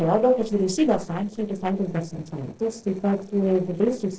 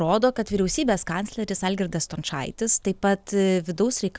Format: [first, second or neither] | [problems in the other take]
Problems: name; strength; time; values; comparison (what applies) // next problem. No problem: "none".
second | noise reduction (neural separator model SepFormer DNS4)